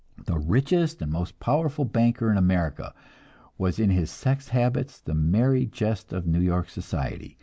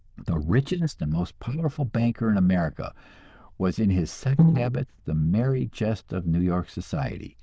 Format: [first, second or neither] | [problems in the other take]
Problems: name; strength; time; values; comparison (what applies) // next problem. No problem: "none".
first | noise reduction (neural diffusion model UNIVERSE++)